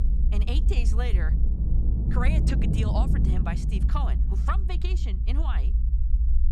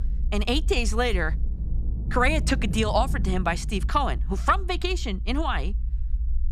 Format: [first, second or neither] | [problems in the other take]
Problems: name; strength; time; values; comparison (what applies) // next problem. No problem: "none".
second | low rumble; loud; throughout; 5 dB below the speech; faint in the second